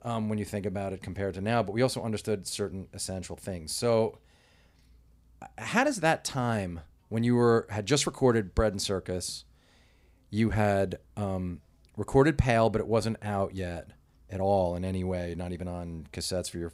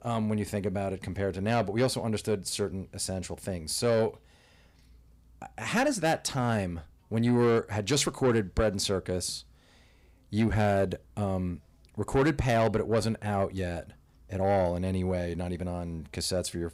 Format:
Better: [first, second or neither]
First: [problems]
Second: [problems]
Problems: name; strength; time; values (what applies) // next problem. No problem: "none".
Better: first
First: none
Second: distortion; slight; 10 dB below the speech